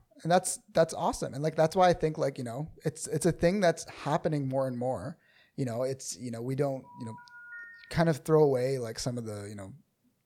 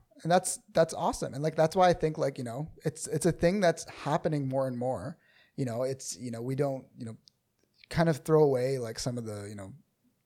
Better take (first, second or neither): second